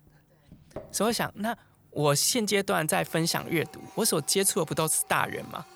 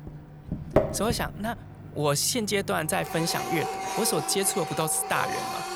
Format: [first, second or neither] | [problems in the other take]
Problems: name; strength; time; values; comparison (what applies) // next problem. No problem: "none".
first | household noises; loud; throughout; 5 dB below the speech; faint in the first